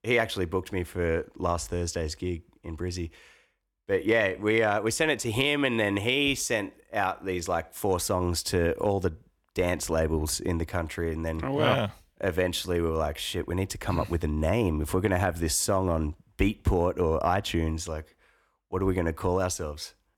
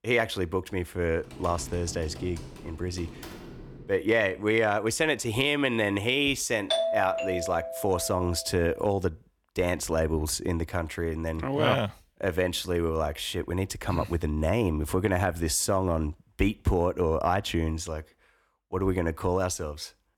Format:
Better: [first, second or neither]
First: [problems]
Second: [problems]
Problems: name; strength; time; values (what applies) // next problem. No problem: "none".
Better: first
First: none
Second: keyboard typing; faint; from 1 to 4 s; peak 15 dB below the speech // doorbell; loud; from 6.5 to 8.5 s; peak 1 dB above the speech